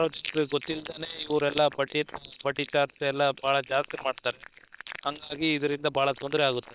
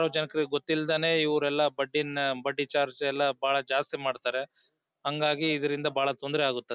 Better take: second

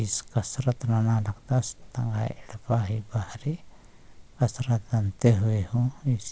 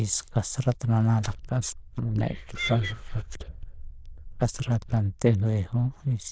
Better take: first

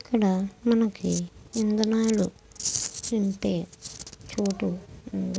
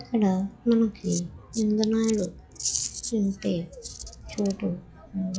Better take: first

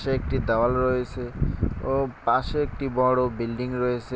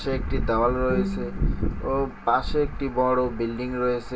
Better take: first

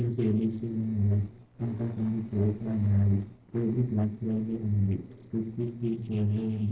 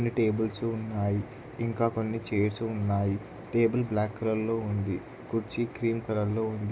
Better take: second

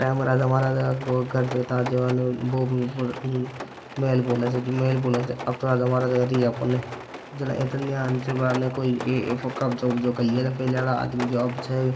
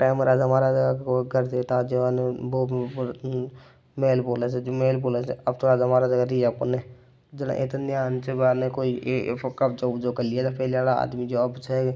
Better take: second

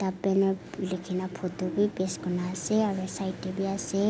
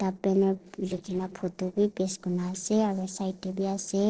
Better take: first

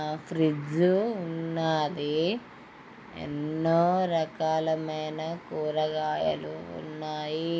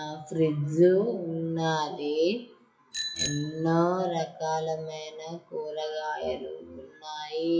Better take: first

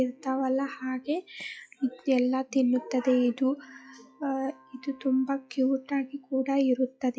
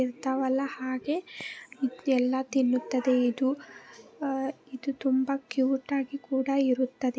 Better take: second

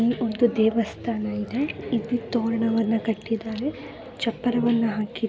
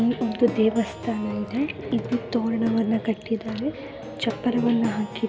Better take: first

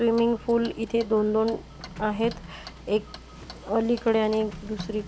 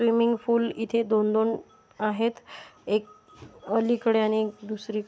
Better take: second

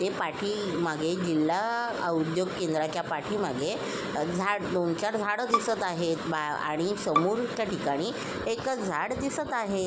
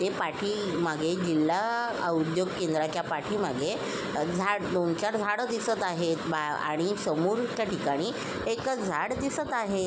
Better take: second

